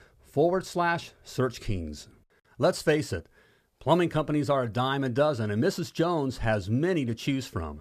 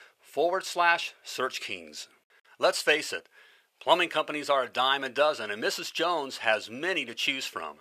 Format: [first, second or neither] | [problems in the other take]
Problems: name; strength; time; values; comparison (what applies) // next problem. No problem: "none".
first | thin; very; fading below 650 Hz